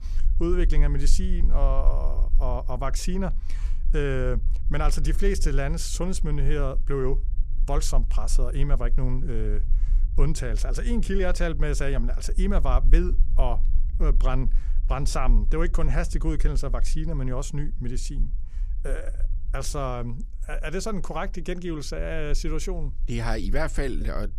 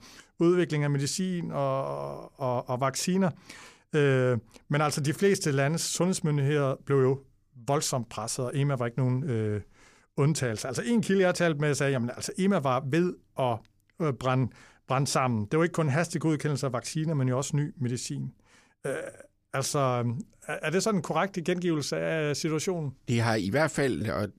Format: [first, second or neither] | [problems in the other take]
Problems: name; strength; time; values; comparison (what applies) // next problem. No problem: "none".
second | low rumble; faint; throughout; 20 dB below the speech